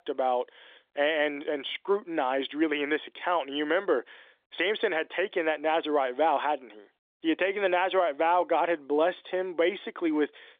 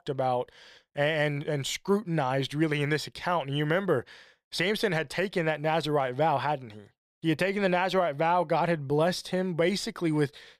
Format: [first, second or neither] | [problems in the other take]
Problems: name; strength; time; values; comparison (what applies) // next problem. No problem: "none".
second | phone-call audio; nothing above 3 kHz